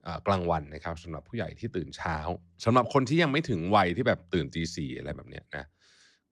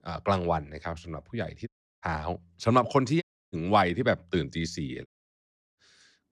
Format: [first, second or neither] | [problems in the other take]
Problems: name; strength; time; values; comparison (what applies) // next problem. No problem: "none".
first | audio cutting out; at 1.5 s, at 3 s and at 5 s for 0.5 s